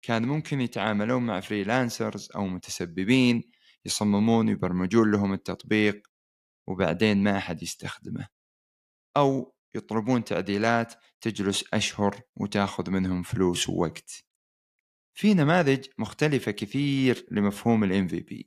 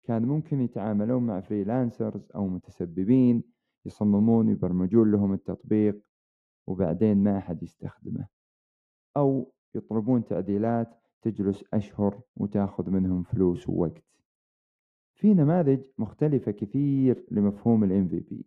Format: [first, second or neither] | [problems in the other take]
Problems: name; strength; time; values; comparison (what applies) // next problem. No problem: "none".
first | muffled; very; fading above 1.5 kHz